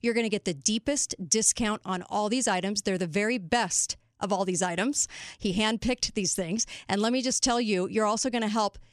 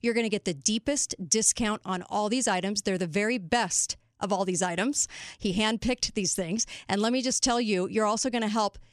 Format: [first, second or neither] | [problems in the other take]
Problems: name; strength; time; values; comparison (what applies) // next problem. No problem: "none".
neither | none